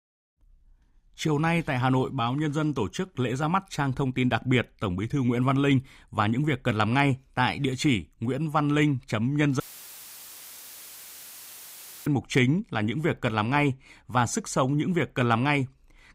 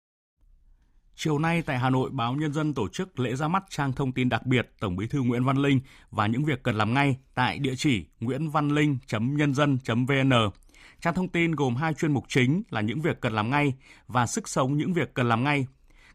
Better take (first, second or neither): second